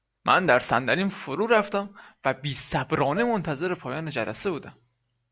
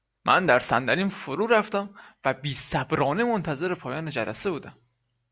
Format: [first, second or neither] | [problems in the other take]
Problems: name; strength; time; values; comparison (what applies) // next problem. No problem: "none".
second | background sound (Dishes, pots, and pans); 15 dB below the speech